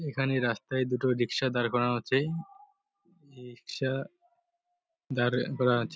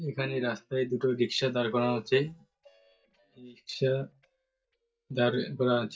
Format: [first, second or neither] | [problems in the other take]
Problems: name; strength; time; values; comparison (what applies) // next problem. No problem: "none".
first | noise reduction (neural mask model DeepFilterNet 3)